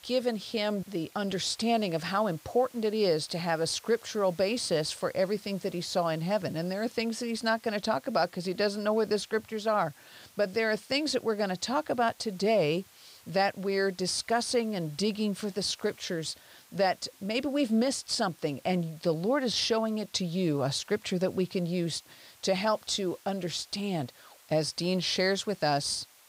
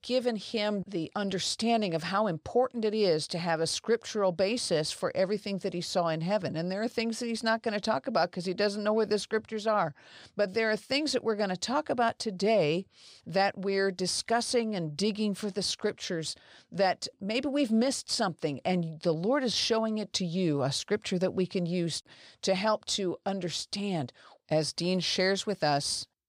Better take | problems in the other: second | hiss; faint; throughout; 25 dB below the speech

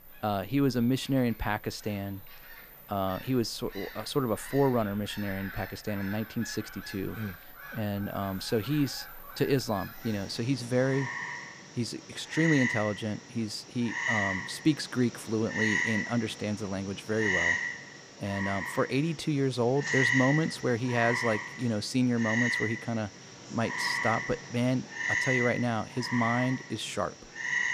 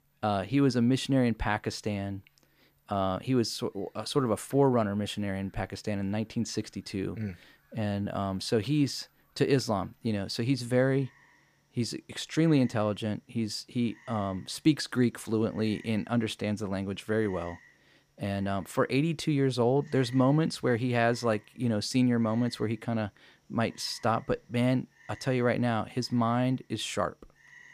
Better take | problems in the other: second | animal sounds; loud; throughout; 2 dB below the speech; faint in the second

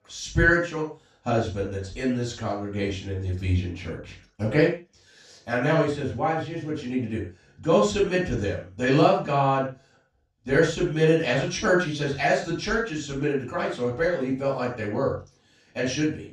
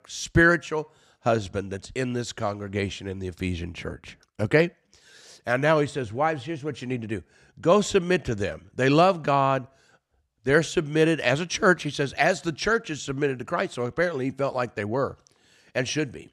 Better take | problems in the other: second | room echo; noticeable; dies away in 0.3 s // off-mic speech; far

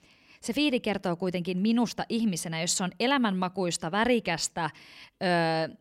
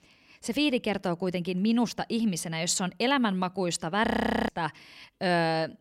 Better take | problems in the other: first | audio freezing; at 4 s

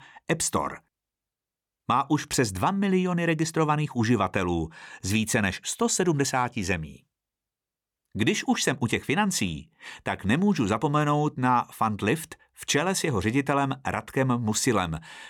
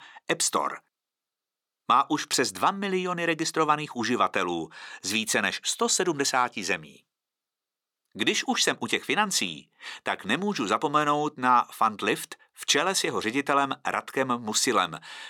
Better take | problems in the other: first | thin; somewhat; fading below 300 Hz

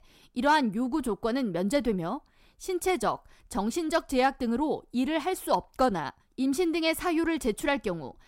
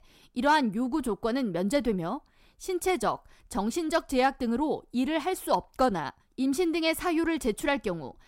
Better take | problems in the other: neither | none

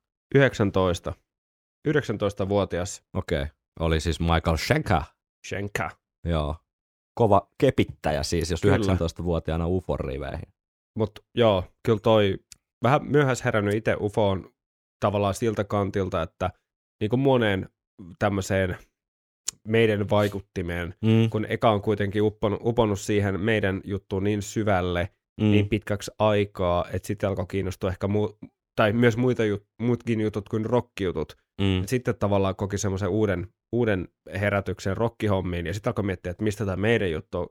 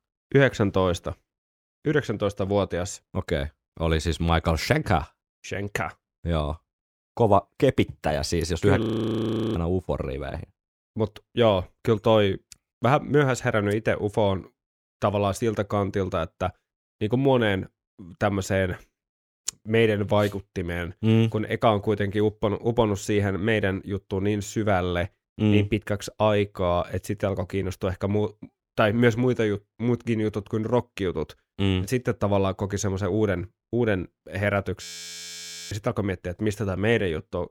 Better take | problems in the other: first | audio freezing; at 9 s for 0.5 s and at 35 s for 1 s

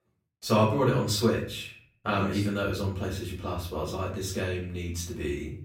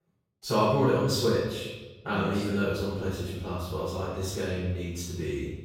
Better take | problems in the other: first | room echo; strong; dies away in 1 s; slight in the first // off-mic speech; far; far in the first

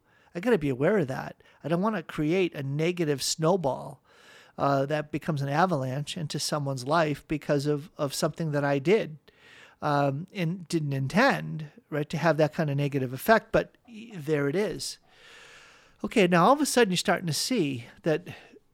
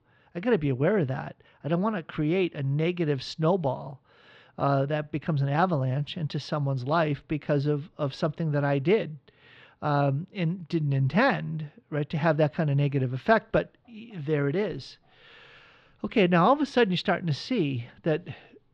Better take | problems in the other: first | muffled; slightly; fading above 4 kHz

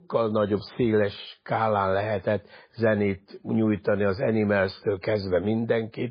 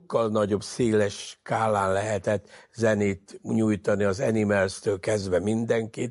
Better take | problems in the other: second | garbled, watery; badly; nothing above 4.5 kHz; slightly in the second

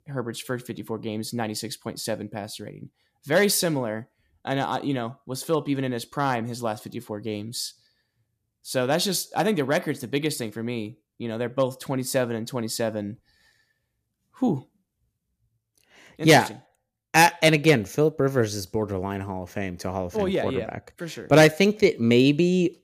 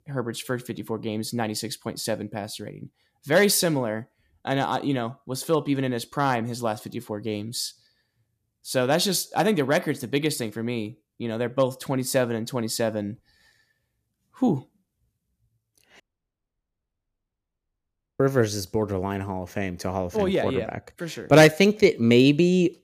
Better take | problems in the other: first | audio cutting out; at 16 s for 2 s

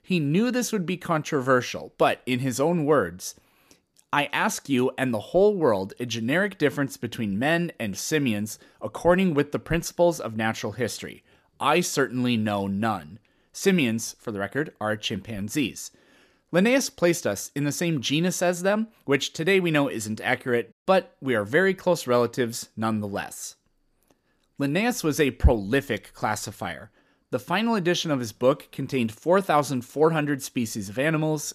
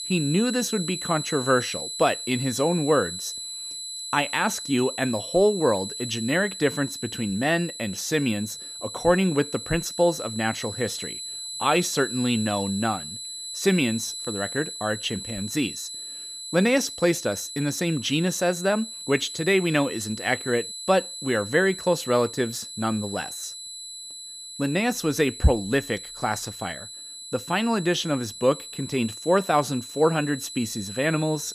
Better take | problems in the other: first | high-pitched whine; loud; throughout; 4 kHz, 9 dB below the speech

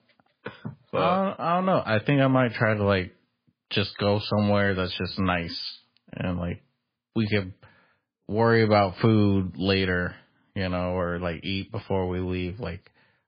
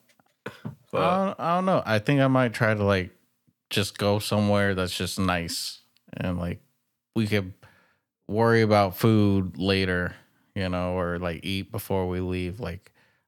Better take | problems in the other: second | garbled, watery; badly; nothing above 4.5 kHz

